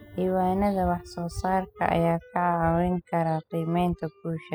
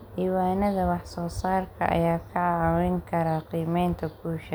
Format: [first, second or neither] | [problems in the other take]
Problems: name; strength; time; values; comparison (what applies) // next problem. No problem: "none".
second | noise reduction (classical method spectral subtraction)